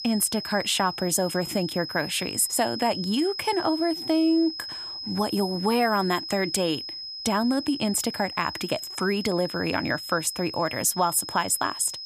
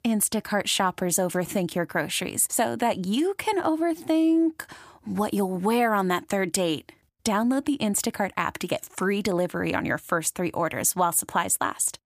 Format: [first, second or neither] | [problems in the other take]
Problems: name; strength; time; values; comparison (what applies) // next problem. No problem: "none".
second | high-pitched whine; loud; throughout; 5 kHz, 8 dB below the speech